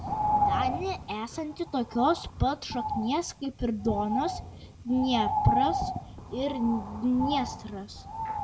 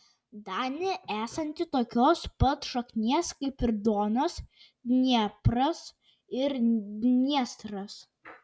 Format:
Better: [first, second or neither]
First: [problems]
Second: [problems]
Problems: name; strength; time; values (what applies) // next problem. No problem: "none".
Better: second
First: background sound (Bird); 2 dB below the speech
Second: none